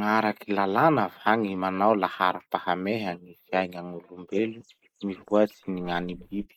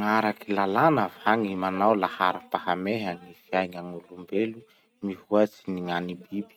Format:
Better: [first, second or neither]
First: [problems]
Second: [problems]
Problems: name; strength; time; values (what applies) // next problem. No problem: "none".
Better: second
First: noise reduction (neural mask model Resemble Enhance denoiser)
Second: none